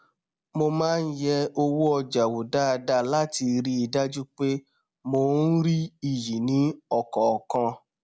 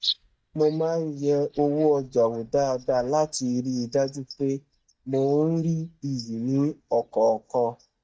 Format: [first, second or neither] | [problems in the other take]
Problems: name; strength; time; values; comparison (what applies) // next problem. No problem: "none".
first | noise reduction (neural mask model DeepFilterNet 3)